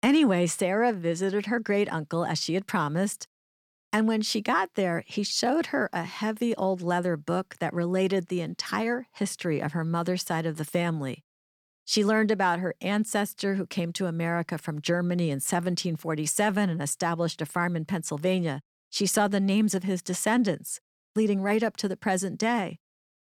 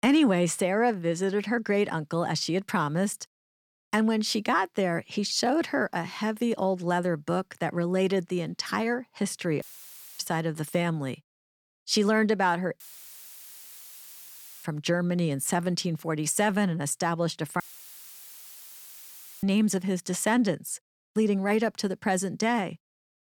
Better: first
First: none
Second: audio cutting out; filled with static; at 9.5 s for 0.5 s, at 13 s for 2 s and at 18 s for 2 s

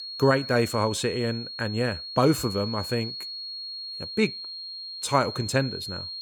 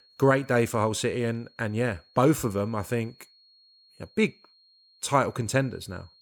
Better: second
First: high-pitched whine; loud; throughout; 4.5 kHz, 8 dB below the speech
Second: high-pitched whine; faint; throughout; 4.5 kHz, 30 dB below the speech

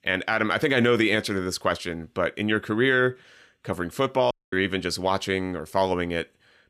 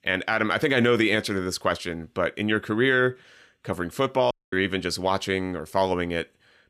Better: neither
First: audio cutting out; at 4.5 s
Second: audio cutting out; at 4.5 s

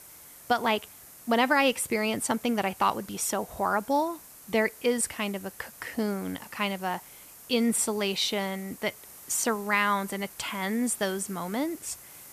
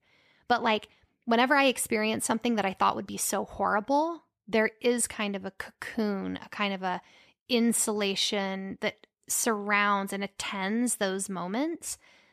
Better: second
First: hiss; noticeable; throughout; 20 dB below the speech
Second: none

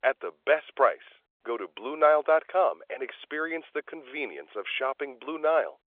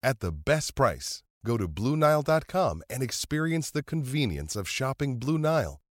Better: second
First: phone-call audio; nothing above 3.5 kHz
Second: none

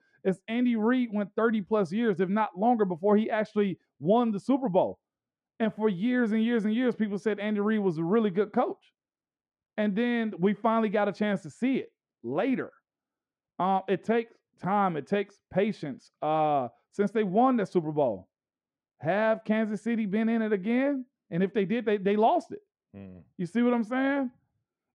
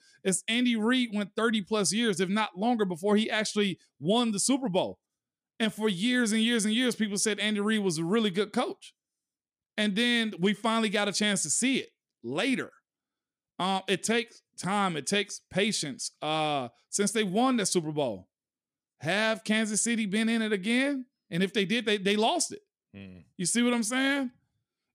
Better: second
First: muffled; very; fading above 3.5 kHz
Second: none

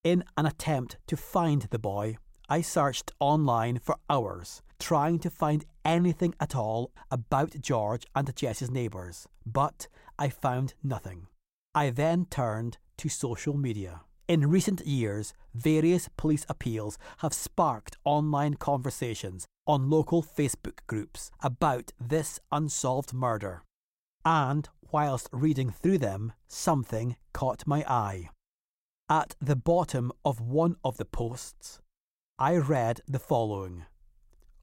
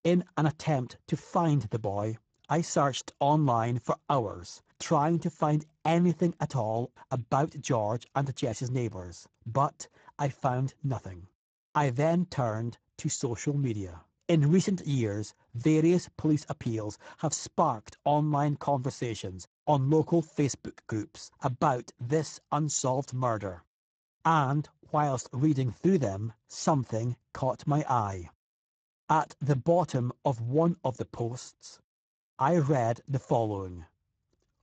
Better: first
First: none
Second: garbled, watery; badly; nothing above 7.5 kHz

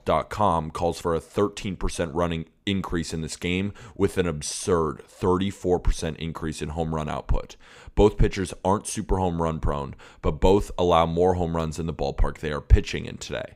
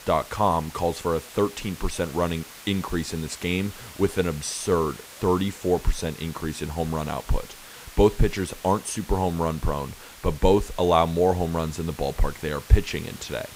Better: first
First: none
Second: hiss; noticeable; throughout; 15 dB below the speech

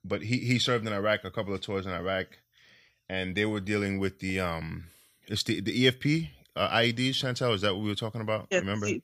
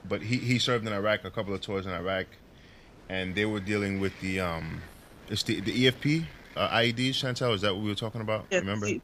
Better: first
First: none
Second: wind noise on the microphone; occasional gusts; 20 dB below the speech

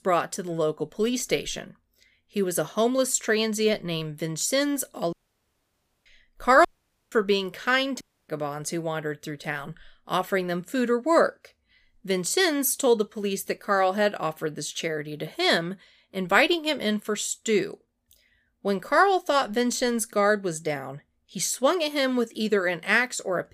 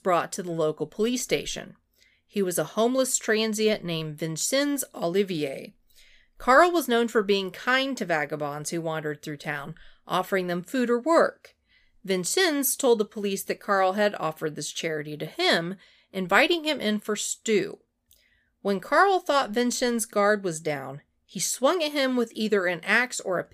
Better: second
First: audio cutting out; at 5 s for 1 s, at 6.5 s and at 8 s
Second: none

